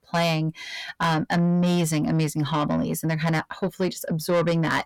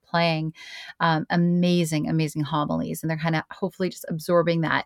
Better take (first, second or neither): second